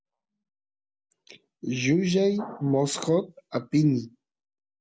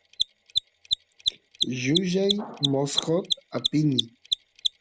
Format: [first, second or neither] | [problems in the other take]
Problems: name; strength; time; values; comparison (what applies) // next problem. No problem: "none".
first | background sound (Mechanisms); 2 dB below the speech